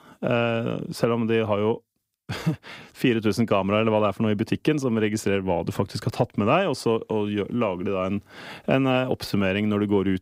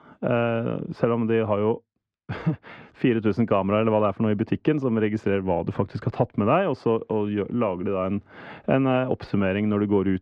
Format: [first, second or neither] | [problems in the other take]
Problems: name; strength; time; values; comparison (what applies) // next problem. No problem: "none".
first | muffled; very; fading above 2 kHz